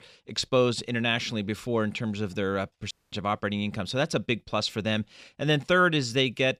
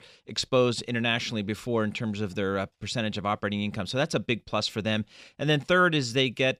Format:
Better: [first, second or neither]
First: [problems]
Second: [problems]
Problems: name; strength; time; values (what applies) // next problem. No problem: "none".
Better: second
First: audio cutting out; at 3 s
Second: none